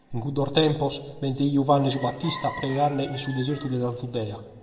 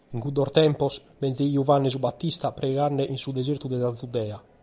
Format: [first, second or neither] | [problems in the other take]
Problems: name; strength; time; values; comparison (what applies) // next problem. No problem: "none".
second | background sound (Chicken, rooster); 15 dB below the speech // room echo; dies away in 1.3 s